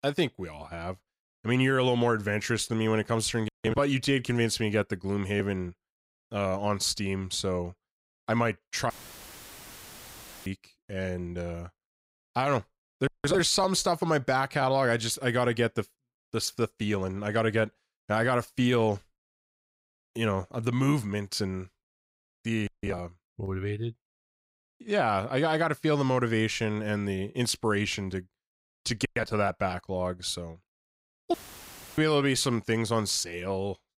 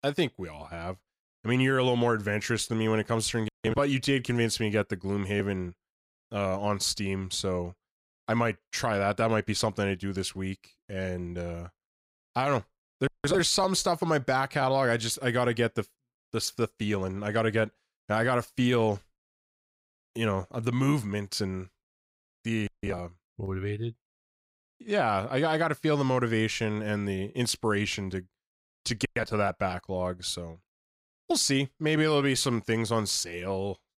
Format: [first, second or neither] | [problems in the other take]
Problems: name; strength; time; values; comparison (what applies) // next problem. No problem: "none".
second | audio cutting out; filled with static; at 9 s for 1.5 s and at 31 s for 0.5 s